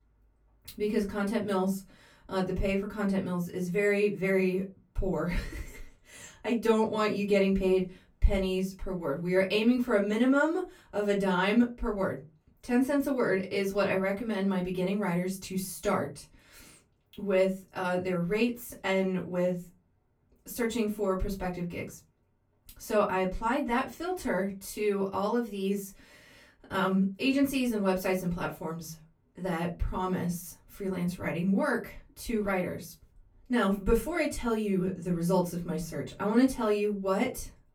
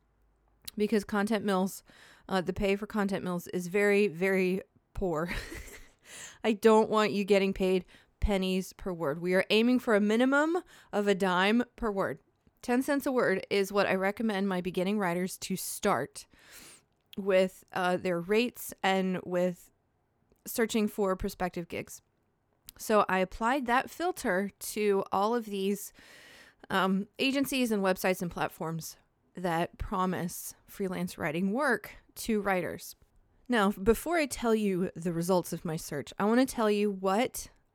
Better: second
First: off-mic speech; far // room echo; very slight; dies away in 0.2 s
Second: none

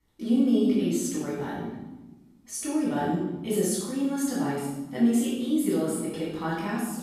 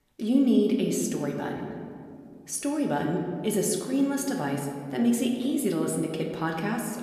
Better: second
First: room echo; strong; dies away in 0.9 s // off-mic speech; far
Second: room echo; slight; dies away in 1.8 s

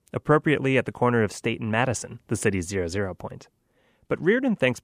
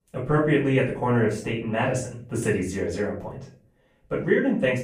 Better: first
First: none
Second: off-mic speech; far // room echo; slight; dies away in 0.4 s

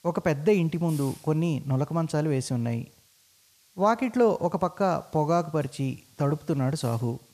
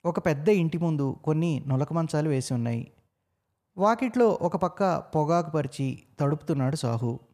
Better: second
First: hiss; faint; throughout; 25 dB below the speech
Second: none

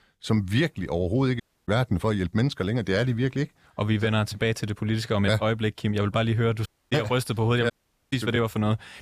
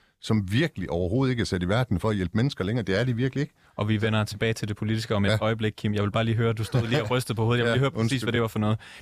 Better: second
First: audio cutting out; at 1.5 s, at 6.5 s and at 7.5 s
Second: none

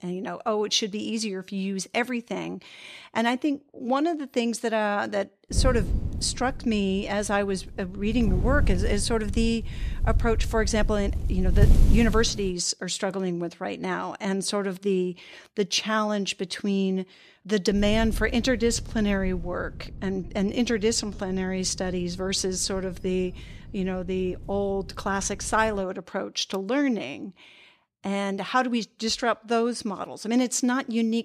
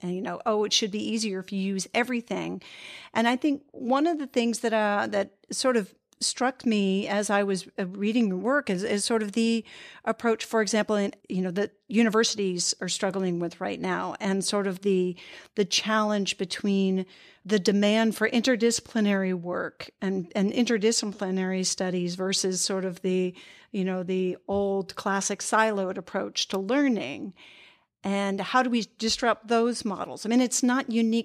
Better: second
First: wind noise on the microphone; occasional gusts; from 5.5 to 13 s and from 18 to 26 s; 15 dB below the speech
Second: none

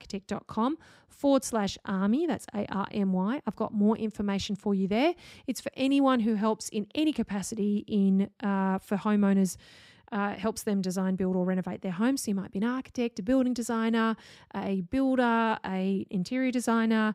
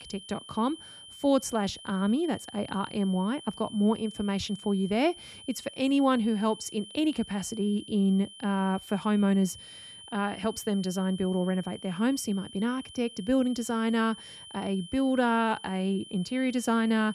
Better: first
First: none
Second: high-pitched whine; noticeable; throughout; 3 kHz, 15 dB below the speech

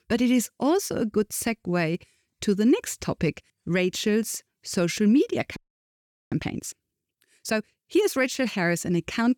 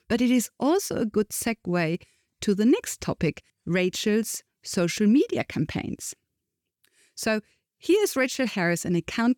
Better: second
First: audio freezing; at 5.5 s for 1 s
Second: none

